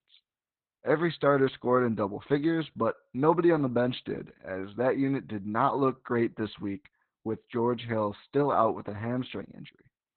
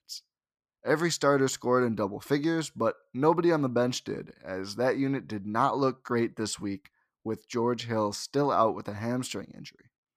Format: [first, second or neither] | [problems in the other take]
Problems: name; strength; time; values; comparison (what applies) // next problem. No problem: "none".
second | garbled, watery; badly; nothing above 4 kHz